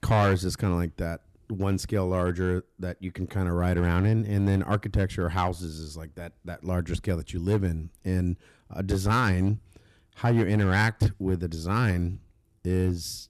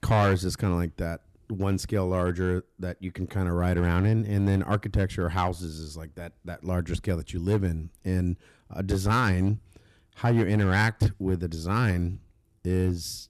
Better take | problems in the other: neither | distortion; slight; 4% of the sound clipped; the same in both

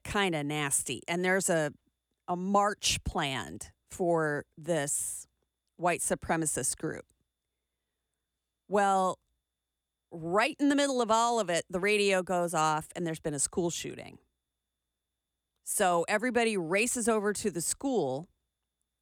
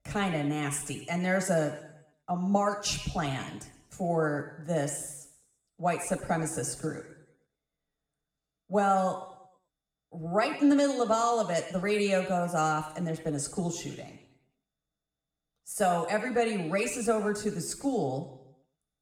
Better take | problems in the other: first | room echo; slight; dies away in 0.8 s // off-mic speech; somewhat distant

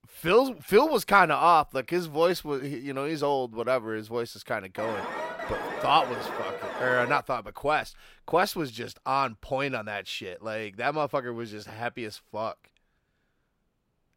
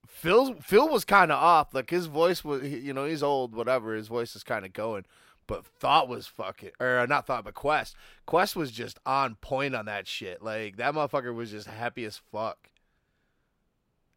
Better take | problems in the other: second | alarm; noticeable; from 5 to 7 s; peak 6 dB below the speech

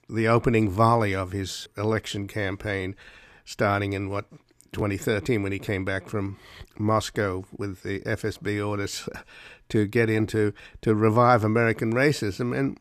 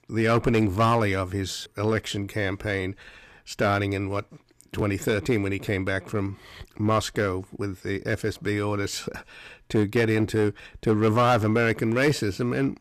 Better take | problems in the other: first | distortion; slight; 4% of the sound clipped

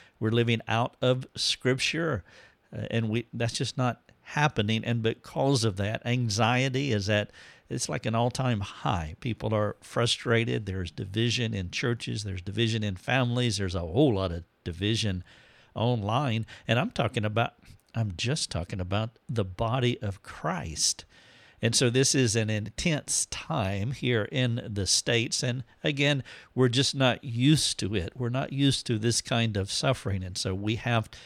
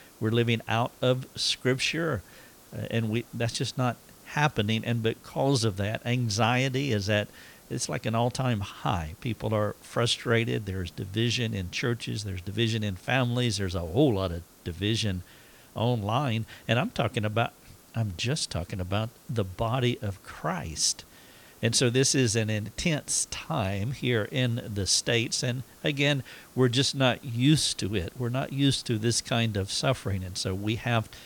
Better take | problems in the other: first | hiss; faint; throughout; 25 dB below the speech

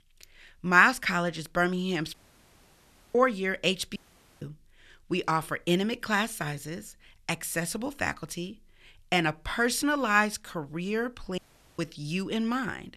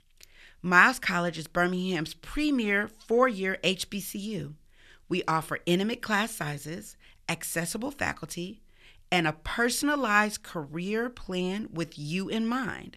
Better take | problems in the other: second | audio cutting out; at 2 s for 1 s, at 4 s and at 11 s

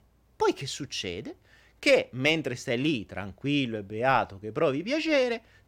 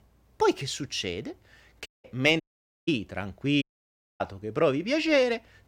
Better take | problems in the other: first | audio cutting out; at 2 s, at 2.5 s and at 3.5 s for 0.5 s

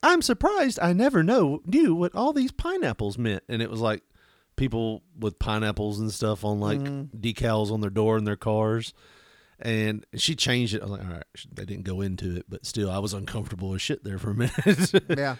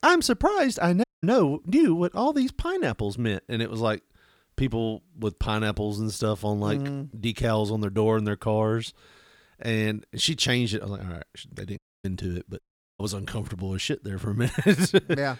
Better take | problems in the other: first | audio cutting out; at 1 s, at 12 s and at 13 s

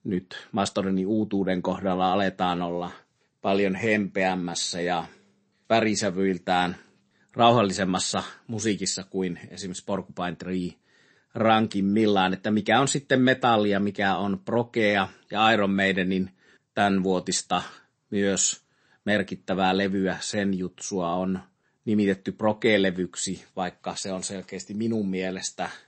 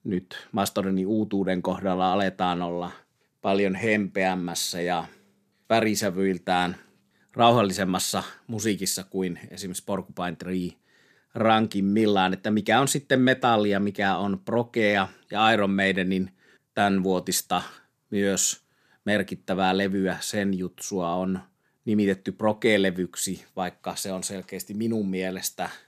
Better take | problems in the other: second | garbled, watery; slightly; nothing above 8 kHz

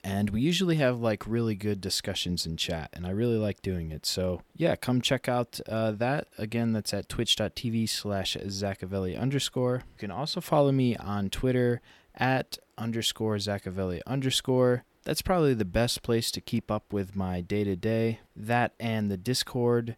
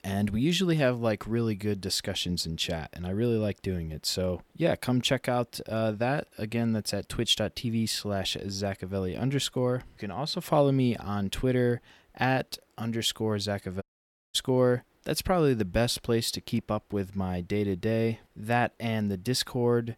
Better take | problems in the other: first | audio cutting out; at 14 s for 0.5 s

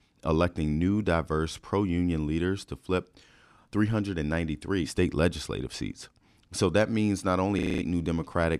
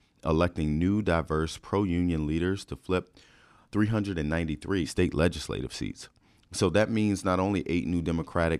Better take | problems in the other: second | audio freezing; at 7.5 s

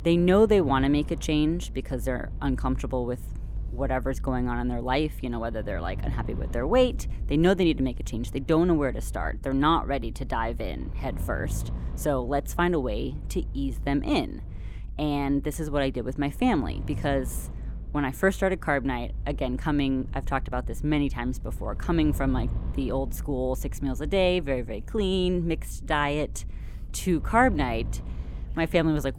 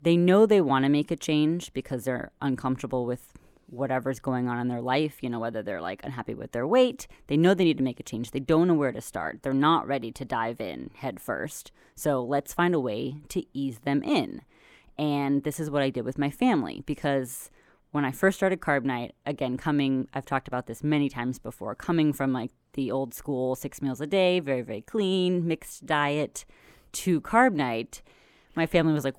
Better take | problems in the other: second | low rumble; faint; throughout; 20 dB below the speech

